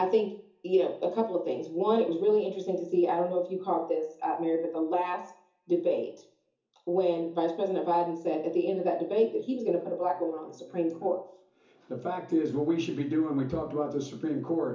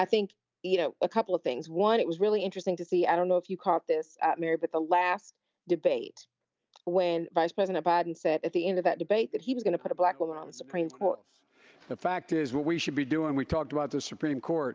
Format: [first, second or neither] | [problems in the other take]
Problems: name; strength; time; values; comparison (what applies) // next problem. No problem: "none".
second | room echo; dies away in 0.7 s